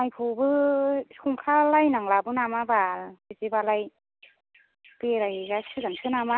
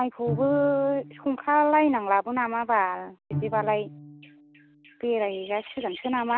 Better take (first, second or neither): first